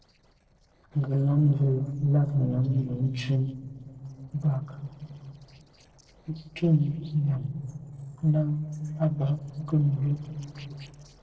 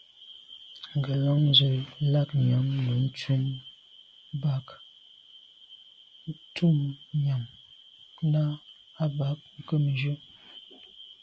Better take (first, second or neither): second